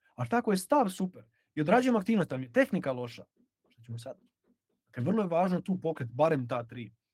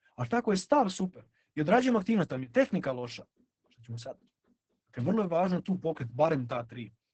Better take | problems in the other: first | garbled, watery; badly; nothing above 8 kHz; slightly in the first

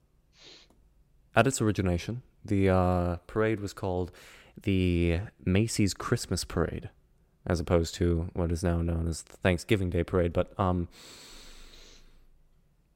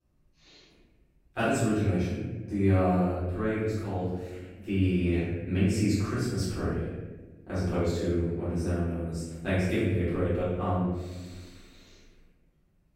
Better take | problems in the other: first | off-mic speech; far // room echo; strong; dies away in 1.2 s

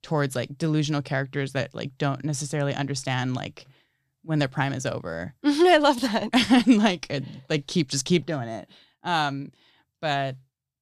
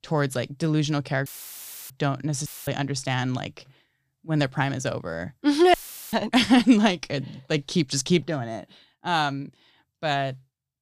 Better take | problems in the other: first | audio cutting out; filled with static; at 1.5 s for 0.5 s, at 2.5 s and at 5.5 s

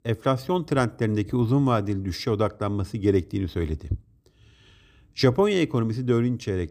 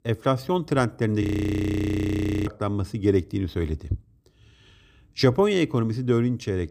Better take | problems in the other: first | audio freezing; at 1 s for 1 s

